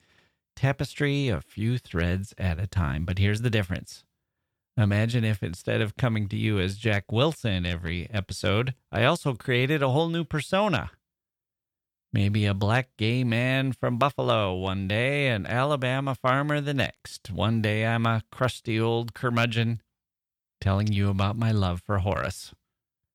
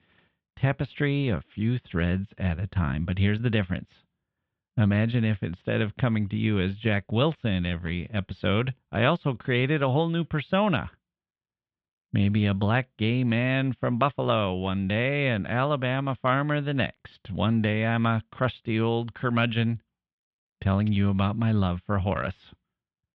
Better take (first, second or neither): first